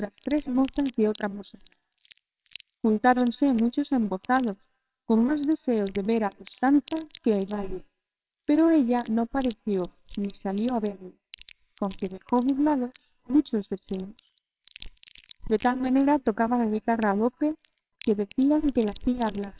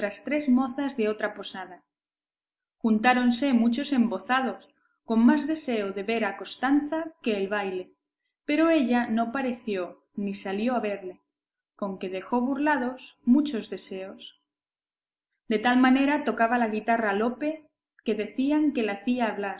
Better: second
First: noise reduction (neural separator model SepFormer WHAMR!)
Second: none

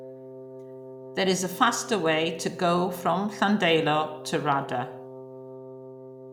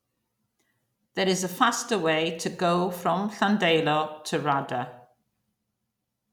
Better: second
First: background sound (Wind instrument, woodwind instrument); 14 dB below the speech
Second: none

